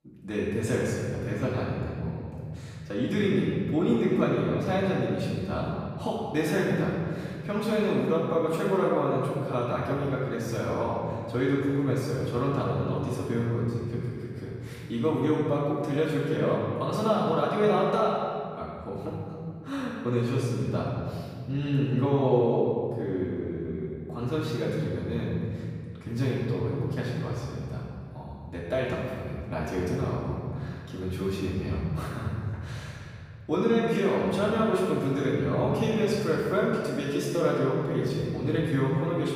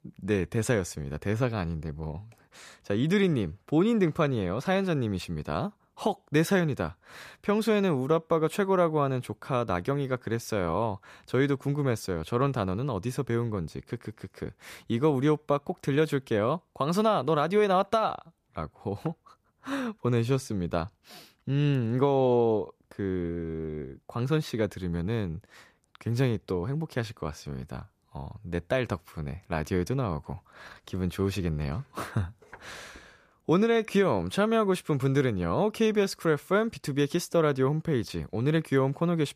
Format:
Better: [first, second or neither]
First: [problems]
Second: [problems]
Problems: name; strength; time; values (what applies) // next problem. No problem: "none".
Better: second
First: off-mic speech; far // room echo; strong; dies away in 2.1 s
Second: none